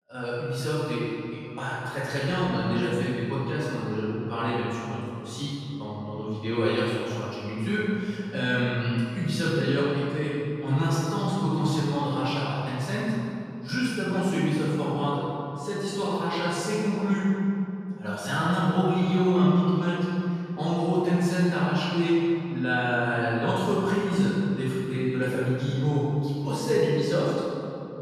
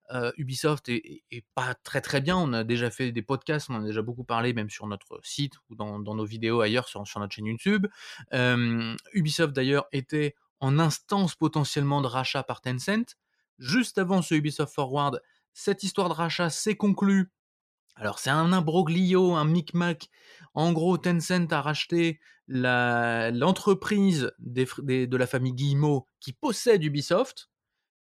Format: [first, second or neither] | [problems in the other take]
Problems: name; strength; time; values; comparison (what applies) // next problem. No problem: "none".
second | off-mic speech; far // room echo; strong; dies away in 2.6 s